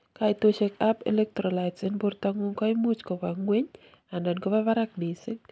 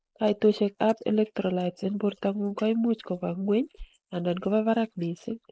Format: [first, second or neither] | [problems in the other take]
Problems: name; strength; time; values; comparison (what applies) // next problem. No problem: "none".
first | noise reduction (neural mask model Resemble Enhance denoiser)